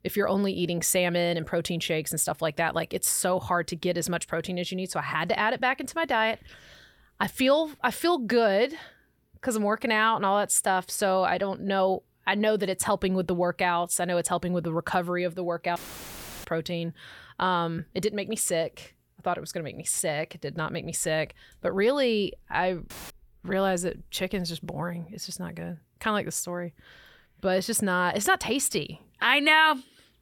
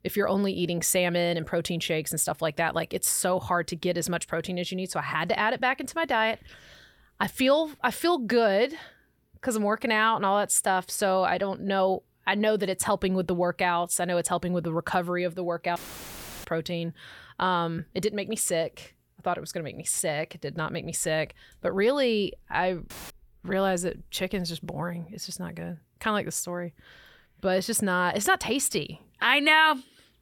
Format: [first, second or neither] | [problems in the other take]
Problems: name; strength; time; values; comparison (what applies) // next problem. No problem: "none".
neither | audio cutting out; filled with static; at 16 s for 0.5 s and at 23 s; the same in both